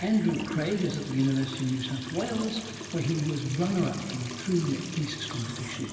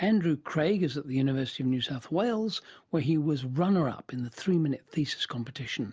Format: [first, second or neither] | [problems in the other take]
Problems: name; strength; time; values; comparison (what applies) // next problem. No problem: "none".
second | background sound (Trickle, dribble / Sink (filling or washing) / Water tap, faucet); 11 dB below the speech // room echo; dies away in 1.3 s